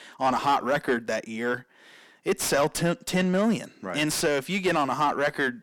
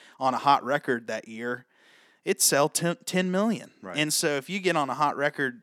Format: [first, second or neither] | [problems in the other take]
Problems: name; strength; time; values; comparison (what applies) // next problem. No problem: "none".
second | distortion; heavy; 7 dB below the speech